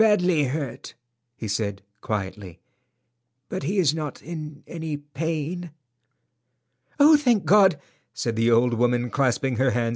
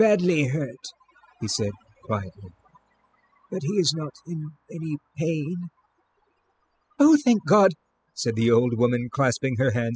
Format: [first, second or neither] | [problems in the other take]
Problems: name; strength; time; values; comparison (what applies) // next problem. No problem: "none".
first | noise reduction (classical method spectral subtraction)